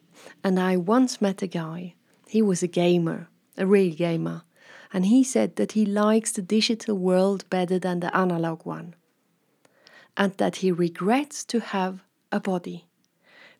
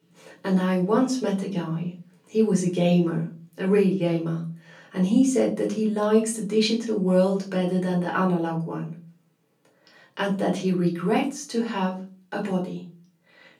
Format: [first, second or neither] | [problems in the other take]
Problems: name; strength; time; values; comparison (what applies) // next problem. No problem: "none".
first | off-mic speech; far // room echo; slight; dies away in 0.4 s